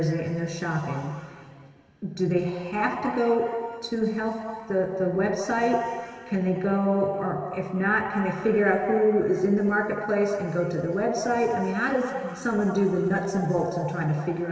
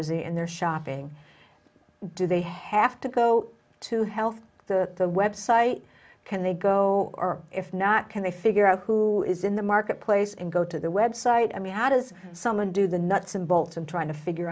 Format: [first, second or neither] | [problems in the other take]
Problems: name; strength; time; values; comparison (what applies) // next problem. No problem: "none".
second | room echo; dies away in 2.5 s